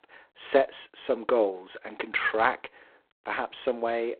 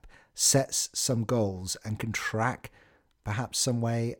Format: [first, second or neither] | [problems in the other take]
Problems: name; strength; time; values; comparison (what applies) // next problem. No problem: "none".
second | phone-call audio; poor line; nothing above 4 kHz